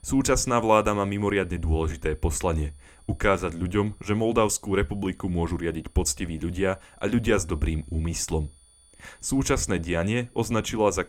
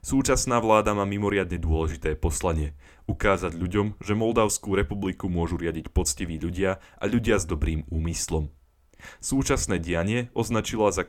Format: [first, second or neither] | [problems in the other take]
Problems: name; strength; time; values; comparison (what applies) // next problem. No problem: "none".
second | high-pitched whine; faint; throughout; 9.5 kHz, 30 dB below the speech